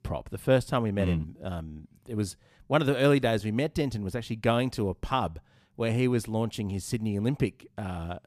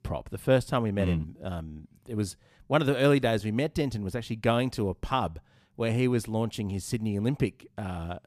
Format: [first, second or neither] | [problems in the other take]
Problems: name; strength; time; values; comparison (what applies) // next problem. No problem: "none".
neither | none